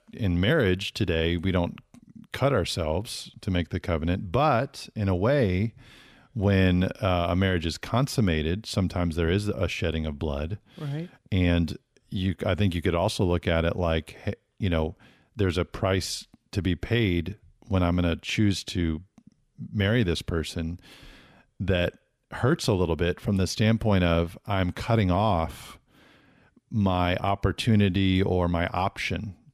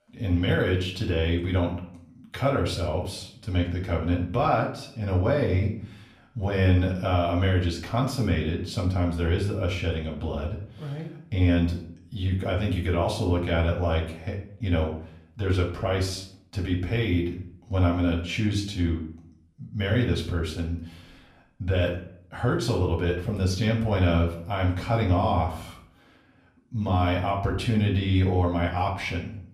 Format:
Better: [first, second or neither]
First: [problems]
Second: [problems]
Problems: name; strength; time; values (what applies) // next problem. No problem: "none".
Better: first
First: none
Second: off-mic speech; far // room echo; slight; dies away in 0.5 s